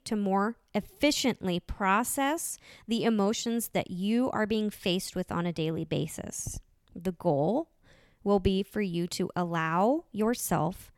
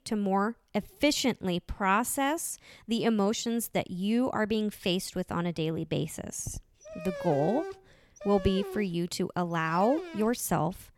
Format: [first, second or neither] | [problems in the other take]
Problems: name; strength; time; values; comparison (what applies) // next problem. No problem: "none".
first | dog barking; noticeable; from 7 to 10 s; peak 8 dB below the speech